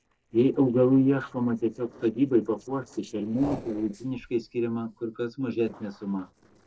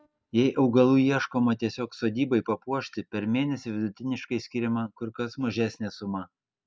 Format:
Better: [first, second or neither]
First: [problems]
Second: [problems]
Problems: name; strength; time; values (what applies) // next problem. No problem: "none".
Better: second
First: noise reduction (neural separator model SepFormer DNS4)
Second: none